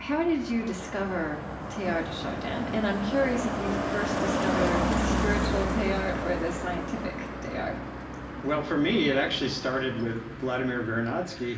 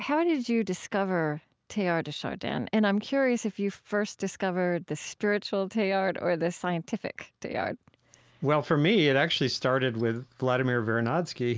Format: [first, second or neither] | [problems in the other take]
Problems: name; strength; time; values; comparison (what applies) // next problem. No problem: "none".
second | background sound (Car passing by); 2 dB below the speech // room echo; dies away in 0.9 s